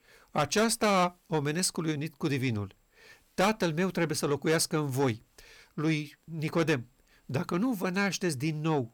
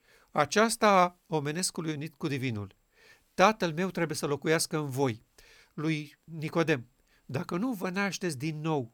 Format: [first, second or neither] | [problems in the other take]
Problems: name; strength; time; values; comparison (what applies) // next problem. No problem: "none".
second | distortion; heavy; 8 dB below the speech